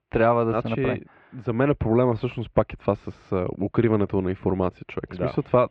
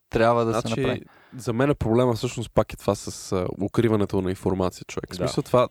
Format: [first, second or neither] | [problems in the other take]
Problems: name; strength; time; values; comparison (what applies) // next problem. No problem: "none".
second | muffled; very; fading above 2.5 kHz